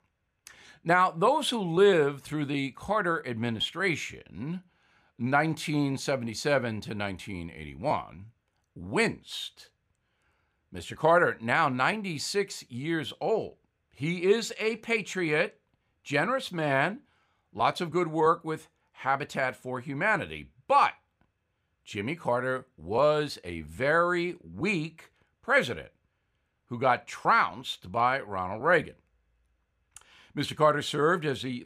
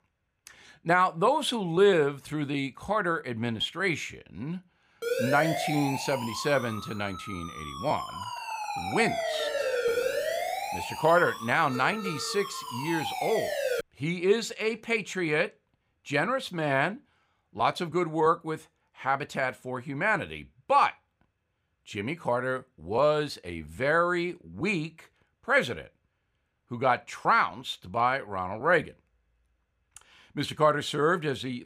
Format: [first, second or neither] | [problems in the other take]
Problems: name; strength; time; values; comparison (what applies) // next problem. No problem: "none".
first | siren; loud; from 5 to 14 s; peak 1 dB above the speech